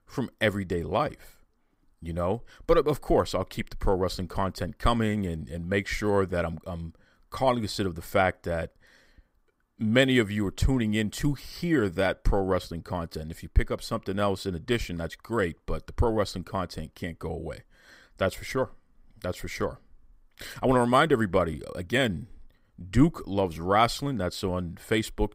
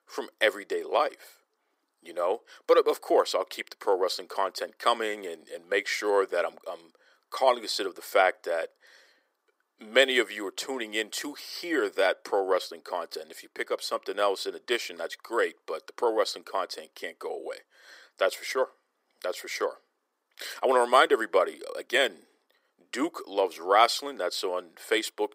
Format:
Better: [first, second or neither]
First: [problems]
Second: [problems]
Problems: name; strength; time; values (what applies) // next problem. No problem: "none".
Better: first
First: none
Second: thin; very; fading below 350 Hz